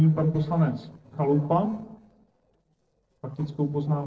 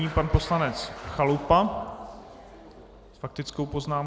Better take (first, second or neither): second